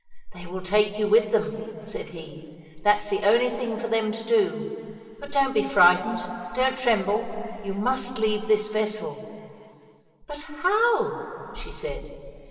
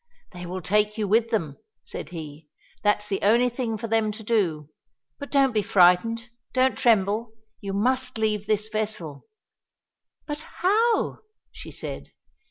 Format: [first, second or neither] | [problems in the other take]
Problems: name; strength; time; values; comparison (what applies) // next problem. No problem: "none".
second | room echo; dies away in 2.7 s